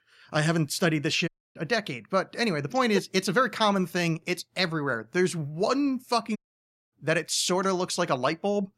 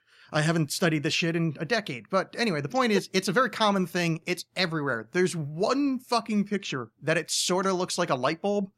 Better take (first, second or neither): second